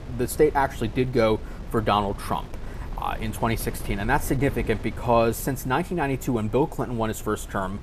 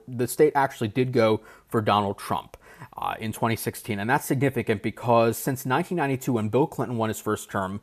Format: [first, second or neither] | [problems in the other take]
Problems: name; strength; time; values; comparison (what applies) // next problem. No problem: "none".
second | wind noise on the microphone; occasional gusts; 20 dB below the speech